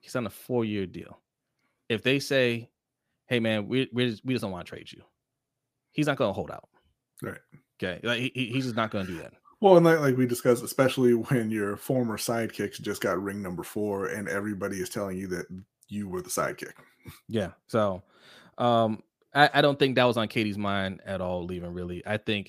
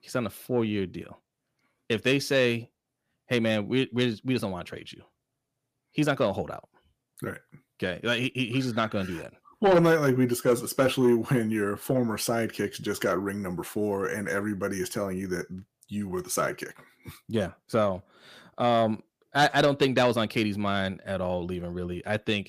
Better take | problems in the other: first | distortion; slight; 10 dB below the speech

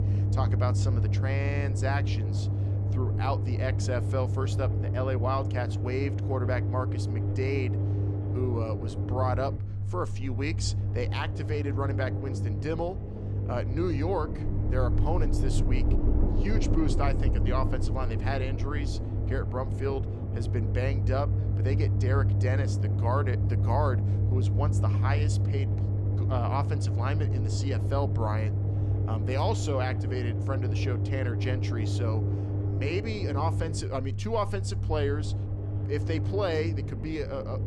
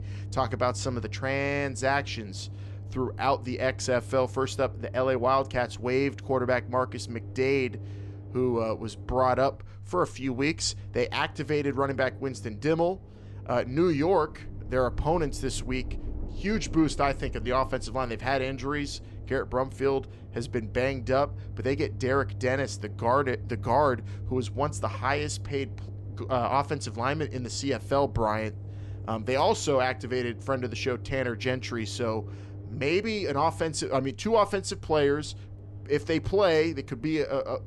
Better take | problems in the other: second | low rumble; loud; throughout; 6 dB below the speech; faint in the second

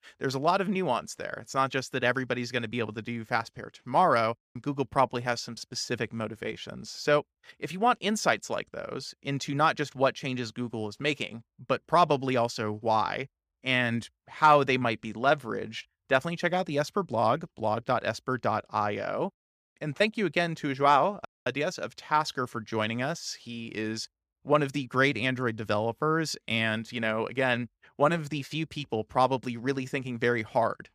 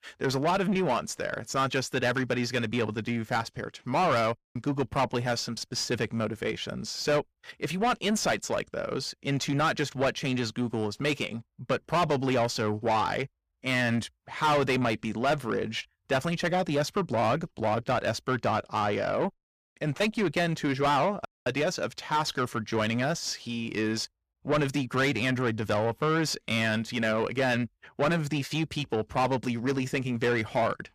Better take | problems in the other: first | distortion; heavy; 6 dB below the speech

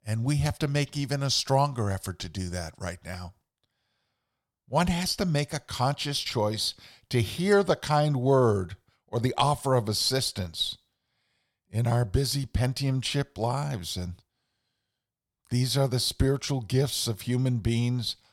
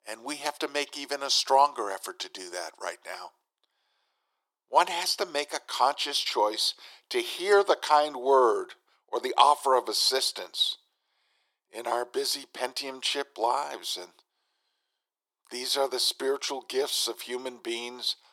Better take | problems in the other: first | thin; very; fading below 350 Hz

